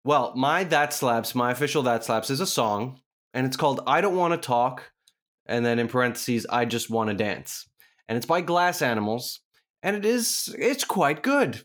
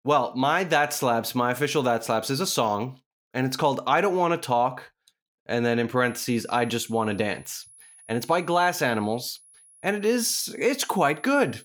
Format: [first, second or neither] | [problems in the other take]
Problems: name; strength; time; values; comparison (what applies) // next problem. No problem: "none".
first | high-pitched whine; faint; from 6 s on; 10.5 kHz, 25 dB below the speech